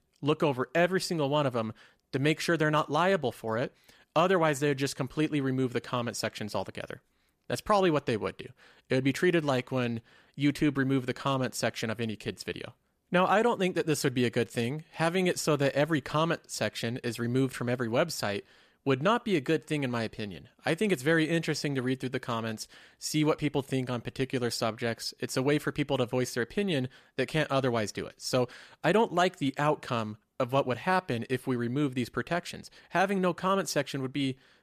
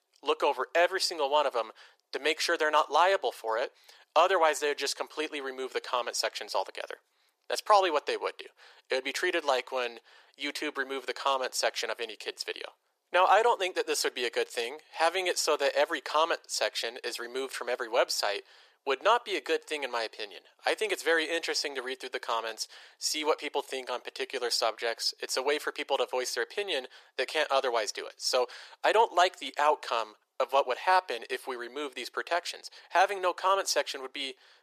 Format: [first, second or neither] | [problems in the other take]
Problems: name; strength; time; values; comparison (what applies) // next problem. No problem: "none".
first | thin; very; fading below 400 Hz